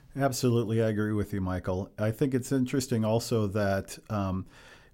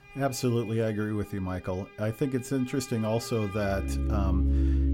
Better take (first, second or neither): first